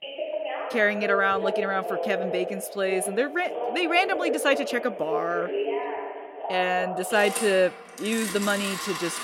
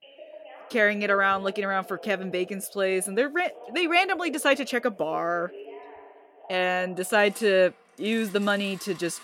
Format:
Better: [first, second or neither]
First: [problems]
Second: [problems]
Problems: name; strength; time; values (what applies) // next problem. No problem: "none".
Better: second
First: alarms or sirens; loud; throughout; 5 dB below the speech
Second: alarms or sirens; faint; throughout; 20 dB below the speech